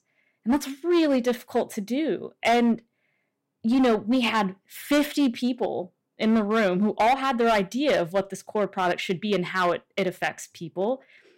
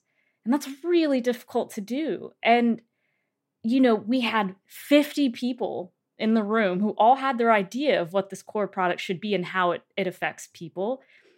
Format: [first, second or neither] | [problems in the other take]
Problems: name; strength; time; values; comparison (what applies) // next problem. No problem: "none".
second | distortion; slight; 7% of the sound clipped